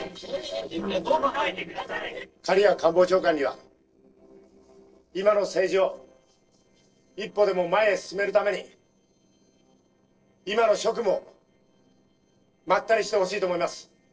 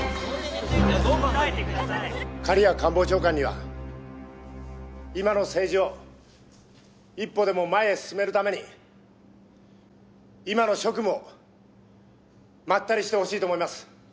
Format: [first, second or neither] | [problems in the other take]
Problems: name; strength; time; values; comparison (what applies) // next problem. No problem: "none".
second | noise reduction (neural separator model SepFormer DNS4)